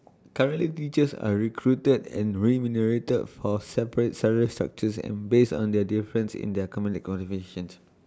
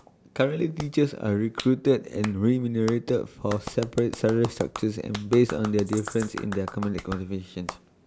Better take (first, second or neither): first